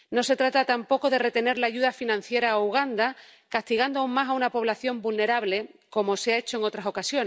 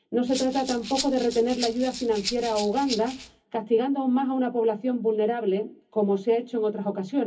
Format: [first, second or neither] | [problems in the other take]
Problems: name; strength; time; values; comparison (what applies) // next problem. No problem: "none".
first | background sound (Rattle (instrument)); 11 dB below the speech // room echo; dies away in 0.3 s